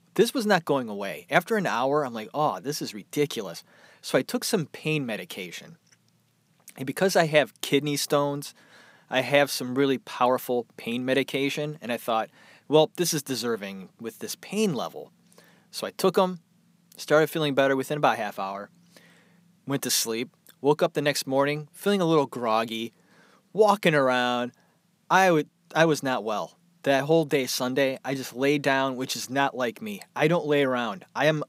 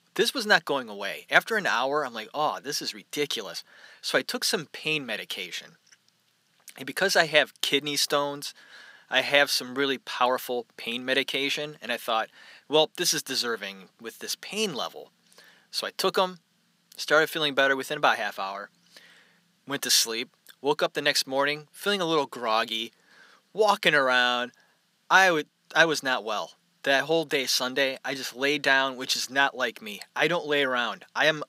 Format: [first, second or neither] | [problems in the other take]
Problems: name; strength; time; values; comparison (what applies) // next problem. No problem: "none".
first | thin; very slightly; fading below 450 Hz